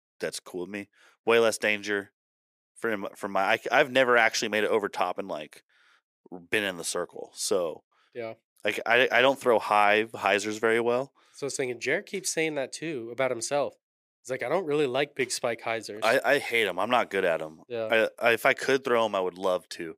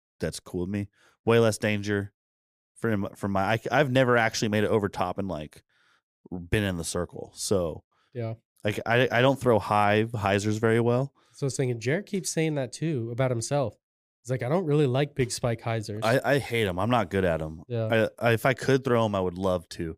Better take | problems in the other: second | thin; somewhat; fading below 350 Hz

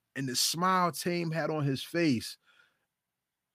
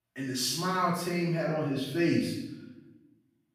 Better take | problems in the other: first | off-mic speech; far // room echo; noticeable; dies away in 0.8 s

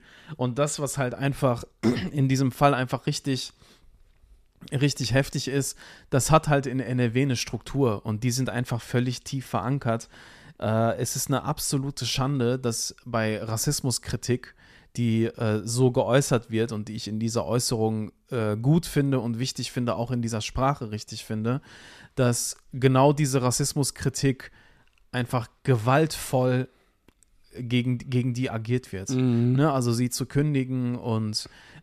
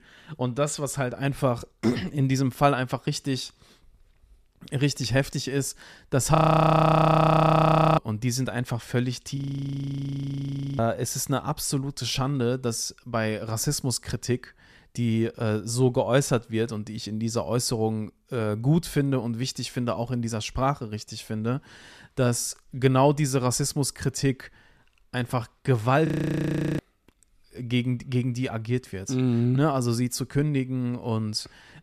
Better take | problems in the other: first | audio freezing; at 6.5 s for 1.5 s, at 9.5 s for 1.5 s and at 26 s for 0.5 s

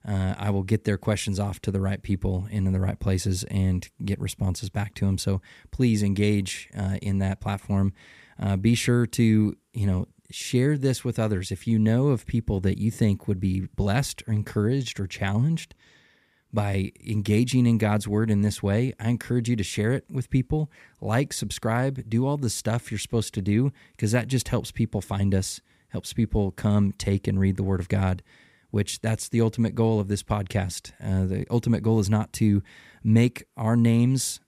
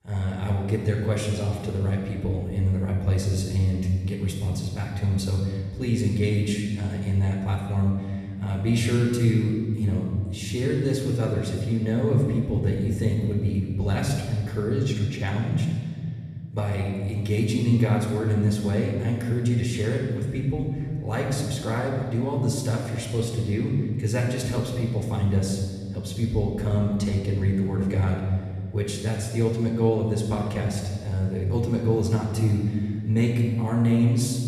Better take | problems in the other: first | off-mic speech; somewhat distant // room echo; noticeable; dies away in 2 s

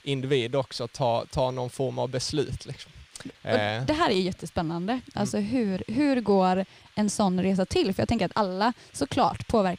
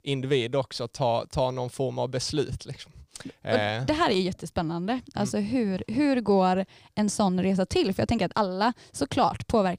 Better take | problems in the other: second | hiss; faint; throughout; 30 dB below the speech

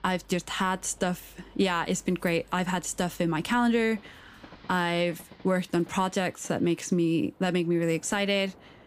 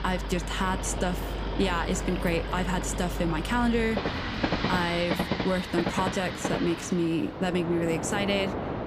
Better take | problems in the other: first | train or aircraft noise; loud; throughout; 3 dB below the speech; faint in the first

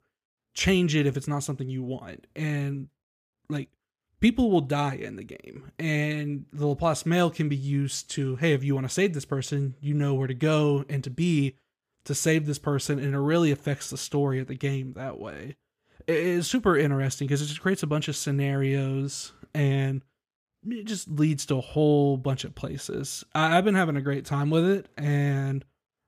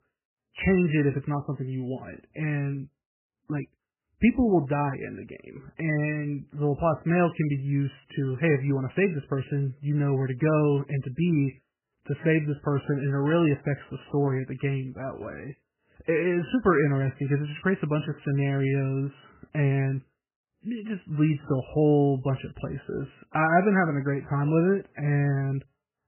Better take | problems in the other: first | garbled, watery; badly; nothing above 3 kHz

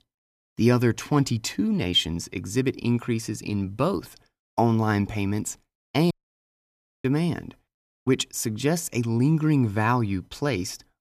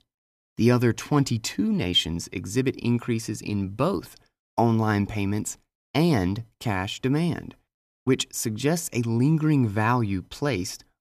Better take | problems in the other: second | audio cutting out; at 6 s for 1 s

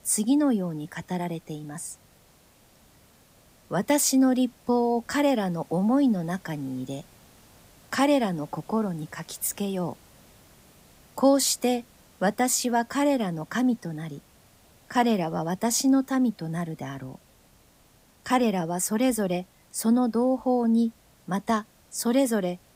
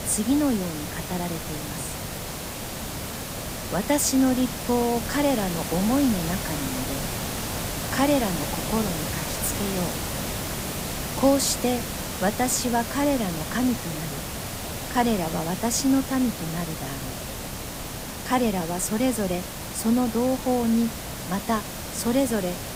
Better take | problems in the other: first | hiss; loud; throughout; 5 dB below the speech; faint in the first

